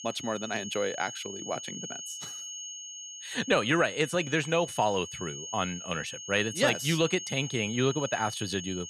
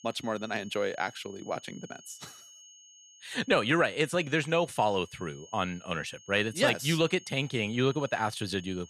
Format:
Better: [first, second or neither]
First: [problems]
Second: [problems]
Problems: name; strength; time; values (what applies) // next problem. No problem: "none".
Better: second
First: high-pitched whine; loud; throughout; 6.5 kHz, 9 dB below the speech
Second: high-pitched whine; faint; throughout; 6.5 kHz, 20 dB below the speech